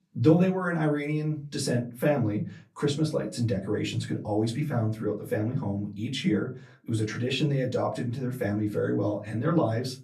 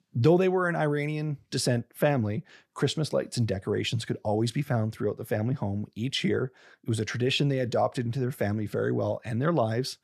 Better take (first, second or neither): second